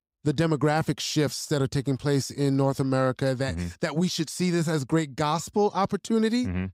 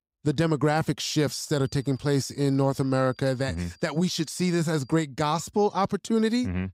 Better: first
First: none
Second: high-pitched whine; faint; from 1 to 5 s; 4.5 kHz, 30 dB below the speech

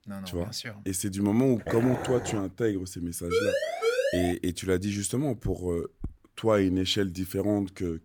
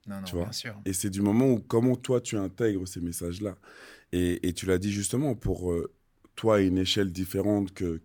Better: second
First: dog barking; noticeable; at 1.5 s; peak 5 dB below the speech // siren; loud; from 3.5 to 4.5 s; peak 2 dB above the speech // footsteps; faint; at 6 s; peak 15 dB below the speech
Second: none

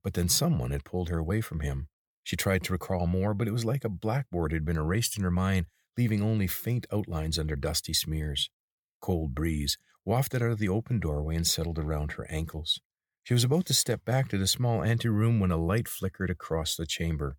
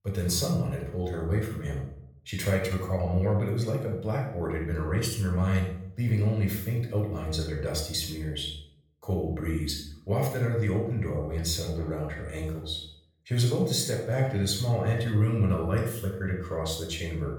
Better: first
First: none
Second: off-mic speech; far // room echo; noticeable; dies away in 0.6 s

